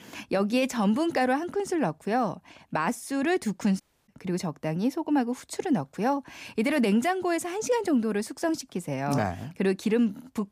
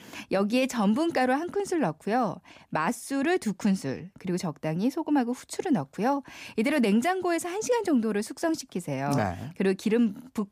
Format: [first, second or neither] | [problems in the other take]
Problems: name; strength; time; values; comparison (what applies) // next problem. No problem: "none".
second | audio cutting out; at 4 s